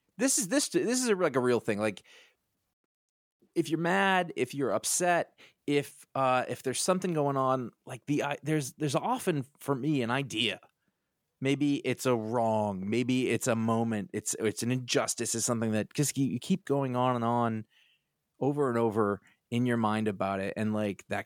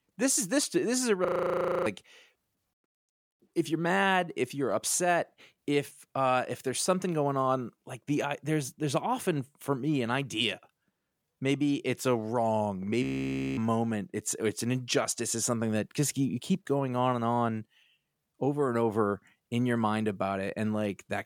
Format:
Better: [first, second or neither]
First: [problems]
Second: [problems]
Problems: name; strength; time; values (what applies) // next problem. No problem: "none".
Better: first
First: none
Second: audio freezing; at 1.5 s for 0.5 s and at 13 s for 0.5 s